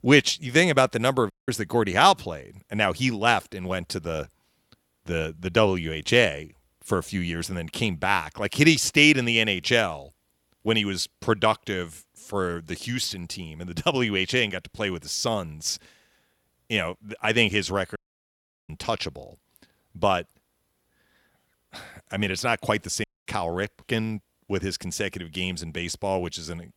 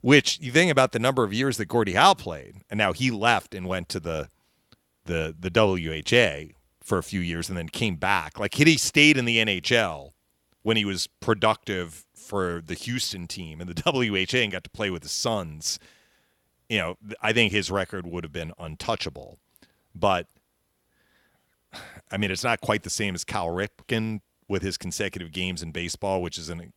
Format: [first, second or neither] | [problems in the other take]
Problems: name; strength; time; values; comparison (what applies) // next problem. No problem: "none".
second | audio cutting out; at 1.5 s, at 18 s for 0.5 s and at 23 s